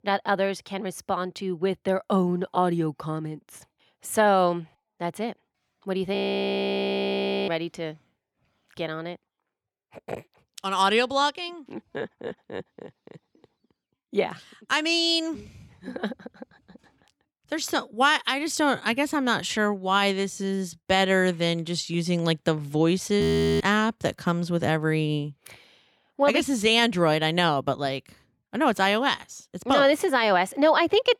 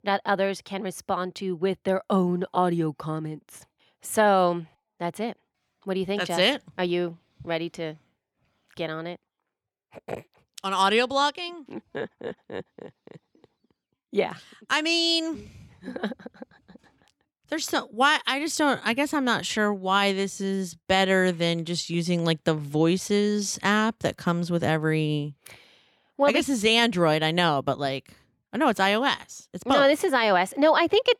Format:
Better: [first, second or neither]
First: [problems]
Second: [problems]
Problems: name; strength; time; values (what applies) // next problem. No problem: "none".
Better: second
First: audio freezing; at 6 s for 1.5 s and at 23 s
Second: none